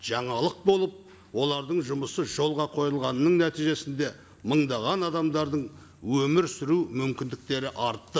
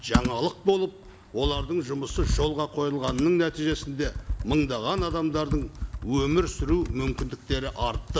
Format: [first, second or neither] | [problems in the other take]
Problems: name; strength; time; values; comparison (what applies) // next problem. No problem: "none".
first | background sound (Computer keyboard); 5 dB below the speech